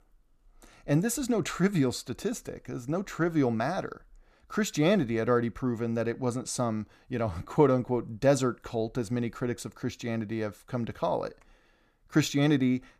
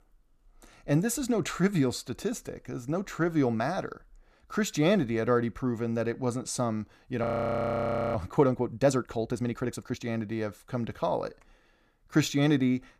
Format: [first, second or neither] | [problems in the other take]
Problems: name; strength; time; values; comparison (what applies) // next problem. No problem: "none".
first | audio freezing; at 7 s for 1 s